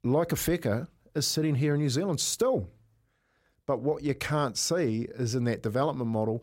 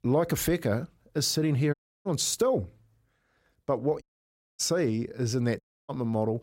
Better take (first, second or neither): first